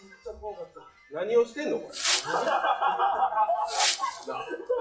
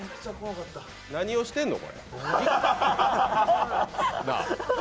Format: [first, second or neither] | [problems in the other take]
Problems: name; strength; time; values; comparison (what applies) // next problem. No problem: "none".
second | noise reduction (classical method WPE with log-MMSE)